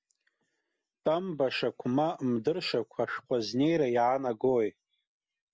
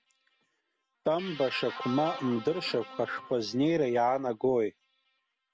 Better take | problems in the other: first | background sound (Guitar); 15 dB below the speech

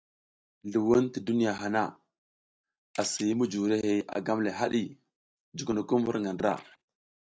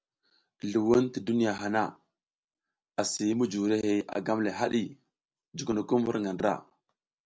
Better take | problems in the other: second | noise reduction (neural mask model DeepFilterNet 3)

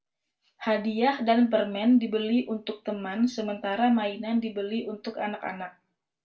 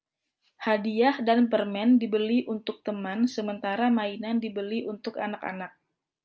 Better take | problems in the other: second | room echo; dies away in 0.2 s

